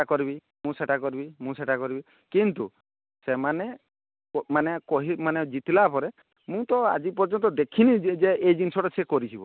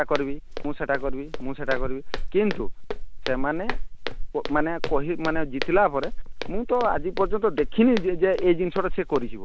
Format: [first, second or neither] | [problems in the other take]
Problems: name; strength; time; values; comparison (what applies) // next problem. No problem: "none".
first | background sound (Walk, footsteps); 2 dB below the speech